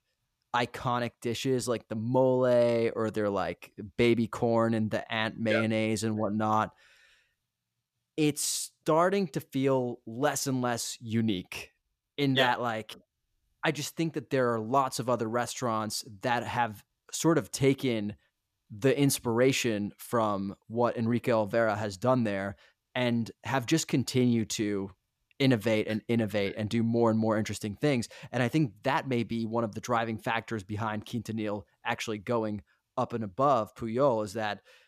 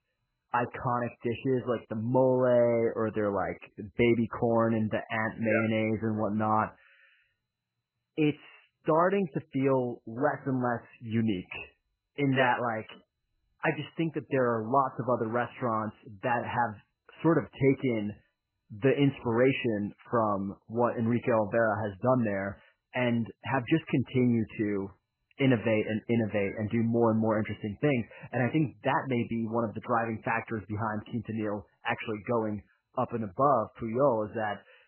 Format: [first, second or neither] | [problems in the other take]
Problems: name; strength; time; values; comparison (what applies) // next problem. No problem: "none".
first | garbled, watery; badly; nothing above 3 kHz